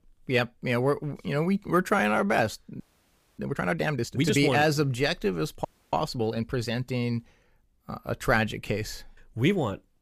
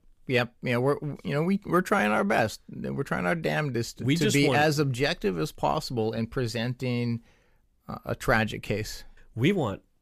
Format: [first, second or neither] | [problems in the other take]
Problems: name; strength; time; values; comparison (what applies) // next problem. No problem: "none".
second | audio freezing; at 3 s for 0.5 s and at 5.5 s